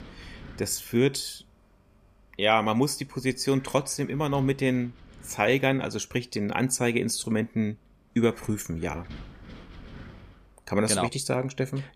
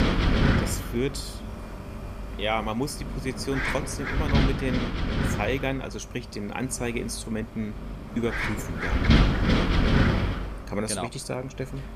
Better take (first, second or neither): first